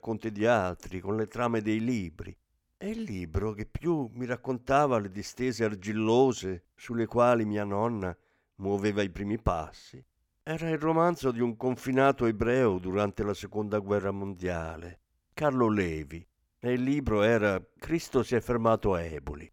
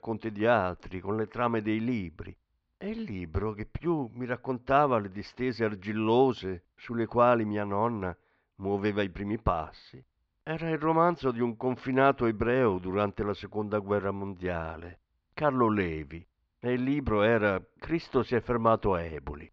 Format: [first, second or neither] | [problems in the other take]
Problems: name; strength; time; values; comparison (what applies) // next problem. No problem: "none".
first | muffled; very slightly; fading above 4.5 kHz